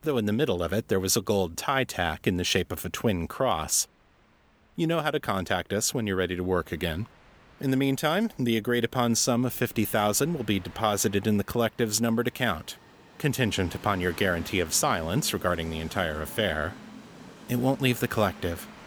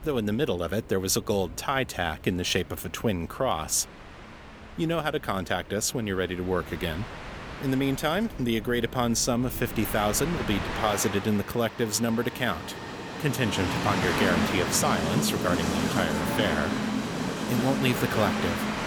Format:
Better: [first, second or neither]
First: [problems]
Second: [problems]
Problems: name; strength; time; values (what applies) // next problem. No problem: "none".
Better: first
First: train or aircraft noise; faint; throughout; 20 dB below the speech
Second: train or aircraft noise; loud; throughout; 3 dB below the speech